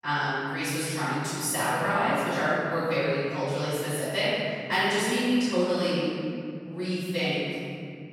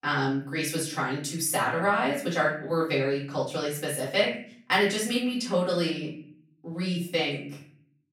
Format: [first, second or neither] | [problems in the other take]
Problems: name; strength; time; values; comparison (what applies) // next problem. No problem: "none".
second | room echo; strong; dies away in 2.5 s; slight in the second // off-mic speech; far; far in the second